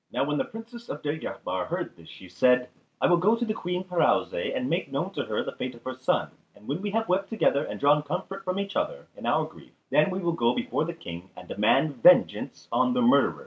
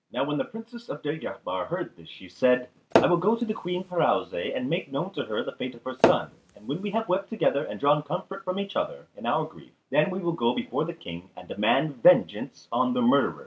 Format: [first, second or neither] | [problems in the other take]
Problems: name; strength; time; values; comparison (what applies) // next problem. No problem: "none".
first | background sound (Tap / Hammer); 1 dB below the speech